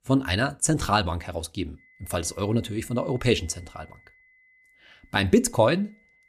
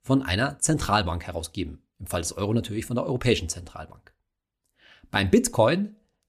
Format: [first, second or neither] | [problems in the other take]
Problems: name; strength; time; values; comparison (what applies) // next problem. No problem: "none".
second | high-pitched whine; faint; from 2 s on; 2 kHz, 30 dB below the speech